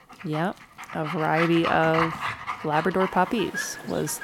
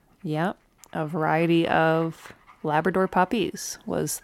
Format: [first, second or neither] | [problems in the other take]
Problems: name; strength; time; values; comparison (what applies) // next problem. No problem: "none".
second | animal sounds; loud; throughout; 6 dB below the speech; faint in the second